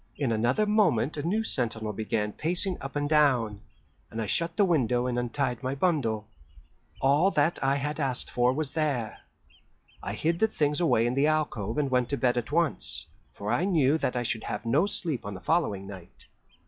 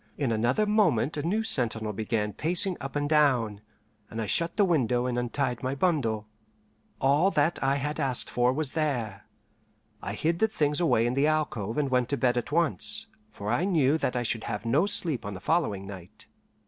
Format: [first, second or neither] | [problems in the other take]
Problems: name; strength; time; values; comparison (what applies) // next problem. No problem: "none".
second | noise reduction (classical method log-MMSE)